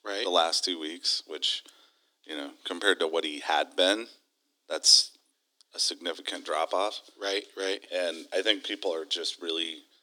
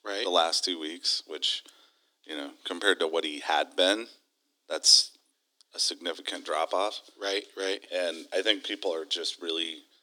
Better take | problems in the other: neither | thin; somewhat; fading below 250 Hz; the same in both

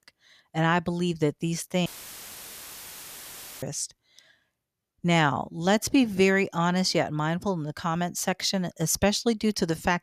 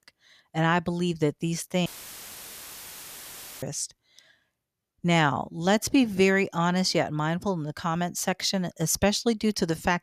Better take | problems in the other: neither | audio cutting out; filled with static; at 2 s for 2 s; the same in both

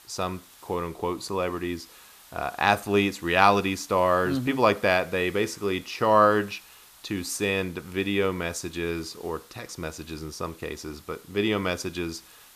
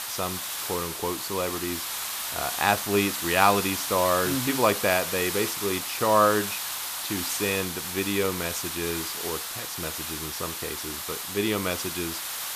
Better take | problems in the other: first | hiss; loud; throughout; 3 dB below the speech; faint in the first

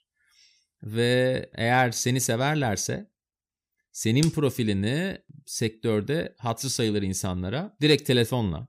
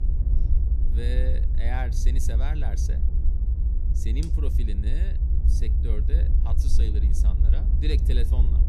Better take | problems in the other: first | low rumble; loud; throughout; 4 dB below the speech

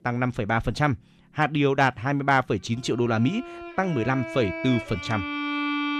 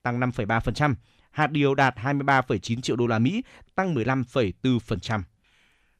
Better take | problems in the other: second | background music; loud; throughout; 7 dB below the speech

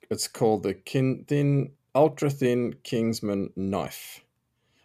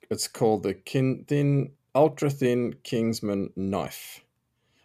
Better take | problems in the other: neither | none

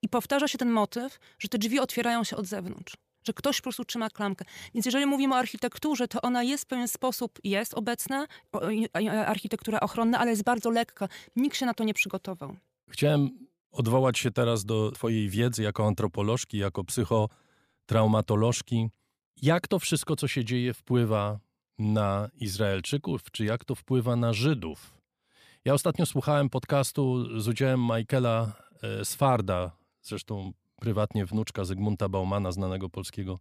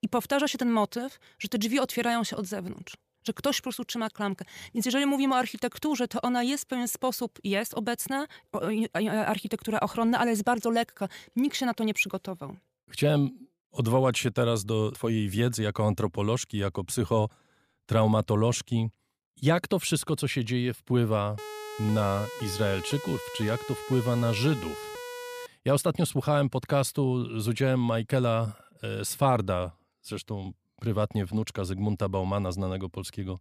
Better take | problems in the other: first | siren; faint; from 21 to 25 s; peak 10 dB below the speech

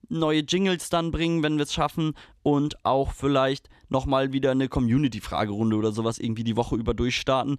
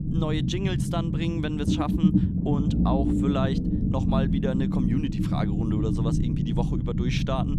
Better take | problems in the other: first | low rumble; loud; throughout; 1 dB below the speech

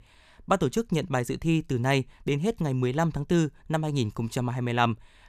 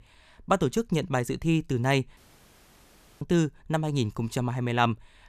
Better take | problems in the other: first | audio cutting out; at 2 s for 1 s

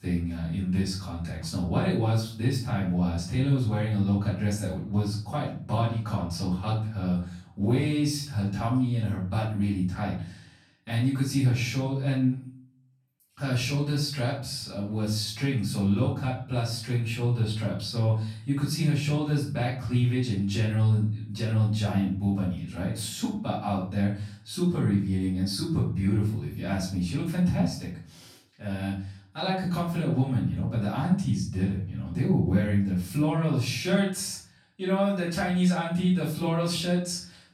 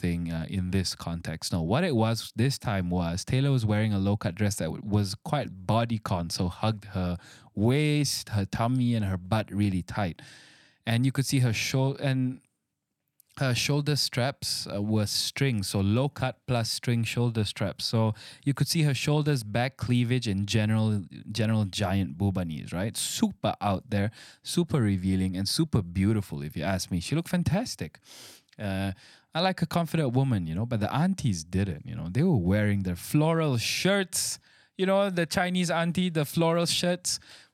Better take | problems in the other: second | off-mic speech; far // room echo; noticeable; dies away in 0.5 s

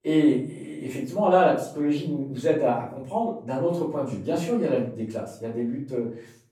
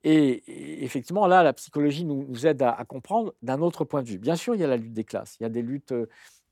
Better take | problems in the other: second | off-mic speech; far // room echo; noticeable; dies away in 0.4 s

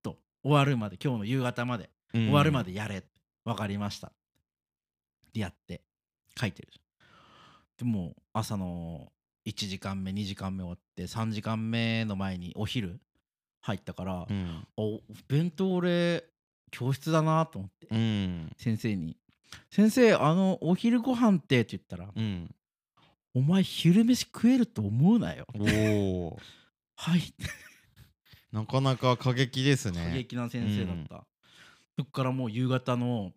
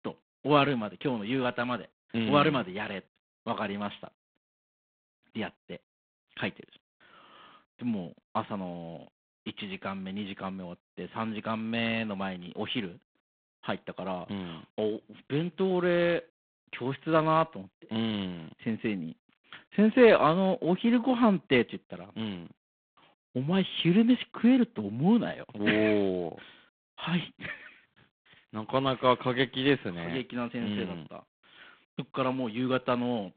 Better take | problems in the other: first | phone-call audio; poor line; nothing above 3.5 kHz

